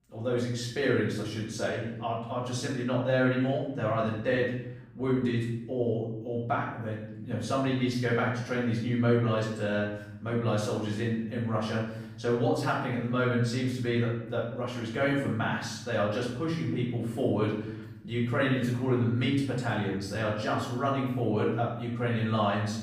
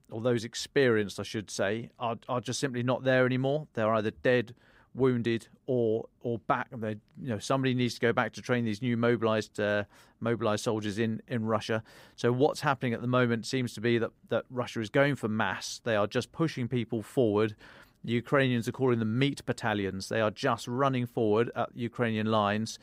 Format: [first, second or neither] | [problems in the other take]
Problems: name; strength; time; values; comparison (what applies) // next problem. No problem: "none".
second | off-mic speech; far // room echo; noticeable; dies away in 0.9 s